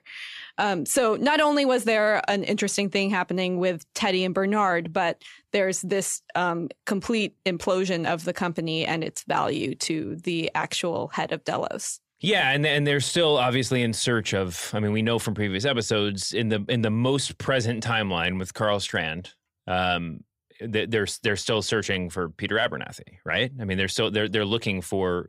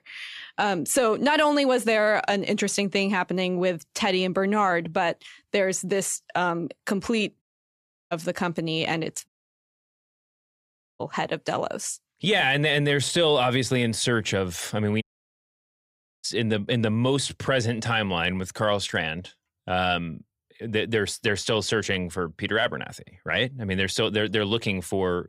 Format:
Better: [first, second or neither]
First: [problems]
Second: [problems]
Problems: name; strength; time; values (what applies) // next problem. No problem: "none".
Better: first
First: none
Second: audio cutting out; at 7.5 s for 0.5 s, at 9.5 s for 1.5 s and at 15 s for 1 s